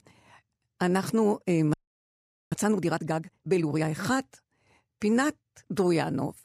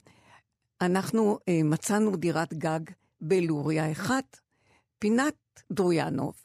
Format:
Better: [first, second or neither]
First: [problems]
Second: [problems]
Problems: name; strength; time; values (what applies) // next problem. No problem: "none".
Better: second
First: audio freezing; at 1.5 s for 1 s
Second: none